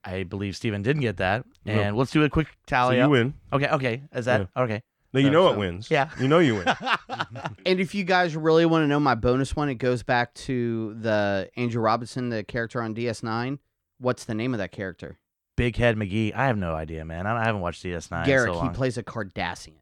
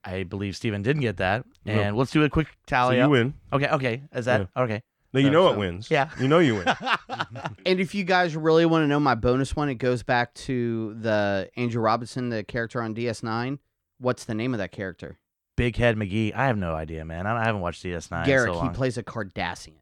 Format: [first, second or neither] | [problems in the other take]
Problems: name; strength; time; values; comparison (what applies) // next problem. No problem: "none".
neither | none